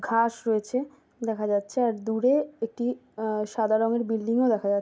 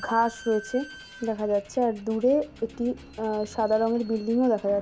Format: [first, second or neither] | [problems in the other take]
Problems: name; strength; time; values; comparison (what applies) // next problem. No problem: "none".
first | background sound (Squeak / Slam); 20 dB below the speech